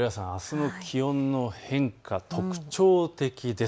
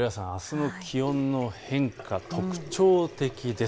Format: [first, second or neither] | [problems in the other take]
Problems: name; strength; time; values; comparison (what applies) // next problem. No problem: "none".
first | background sound (Sink (filling or washing) / Water tap, faucet); 18 dB below the speech